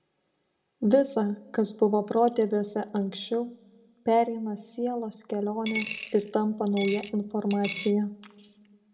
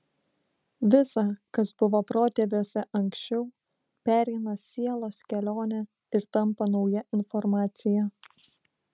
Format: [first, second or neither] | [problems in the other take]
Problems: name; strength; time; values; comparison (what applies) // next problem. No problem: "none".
second | background sound (Coin (dropping)); 12 dB below the speech // room echo; dies away in 0.5 s